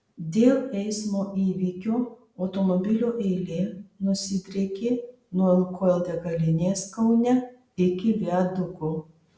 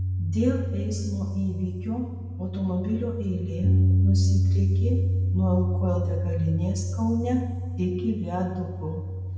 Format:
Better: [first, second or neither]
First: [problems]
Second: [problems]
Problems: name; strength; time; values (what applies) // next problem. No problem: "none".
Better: first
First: none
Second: background sound (Bass guitar); 4 dB above the speech // room echo; dies away in 1.5 s